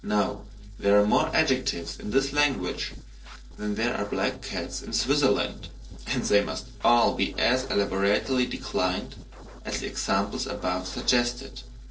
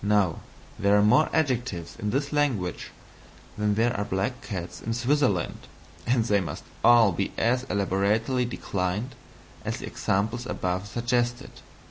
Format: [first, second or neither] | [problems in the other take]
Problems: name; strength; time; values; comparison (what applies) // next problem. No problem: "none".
second | noise reduction (neural separator model SepFormer DNS4)